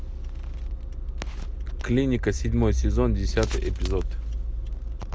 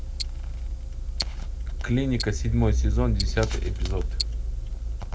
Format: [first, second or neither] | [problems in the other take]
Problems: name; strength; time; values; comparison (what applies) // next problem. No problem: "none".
first | background sound (Tick-tock); 15 dB below the speech // room echo; dies away in 1.2 s